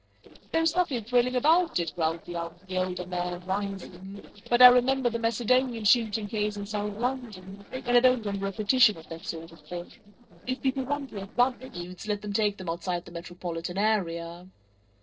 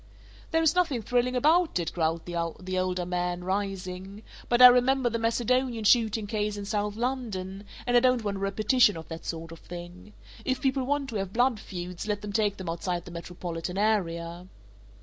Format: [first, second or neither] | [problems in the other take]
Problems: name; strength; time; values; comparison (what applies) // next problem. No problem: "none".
second | noise reduction (neural separator model SepFormer DNS4)